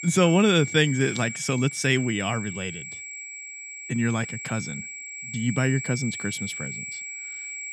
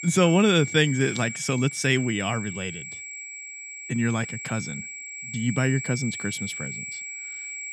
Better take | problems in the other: neither | high-pitched whine; loud; throughout; 2.5 kHz, 9 dB below the speech; the same in both

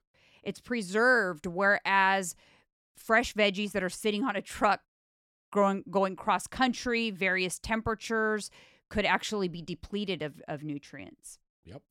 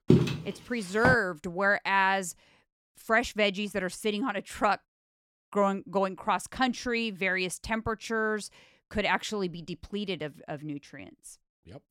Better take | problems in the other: first | footsteps; loud; until 1 s; peak 5 dB above the speech

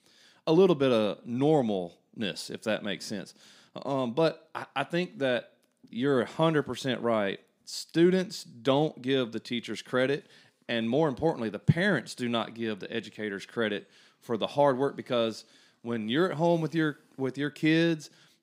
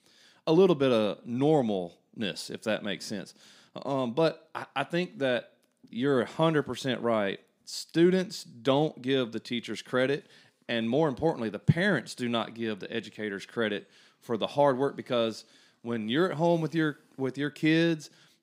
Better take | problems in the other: neither | none

